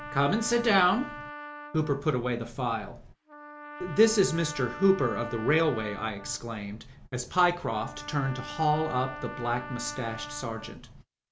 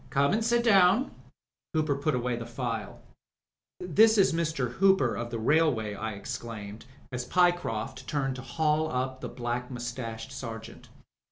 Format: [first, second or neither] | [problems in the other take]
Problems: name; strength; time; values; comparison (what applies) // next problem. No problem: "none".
second | background sound (Trumpet); 14 dB below the speech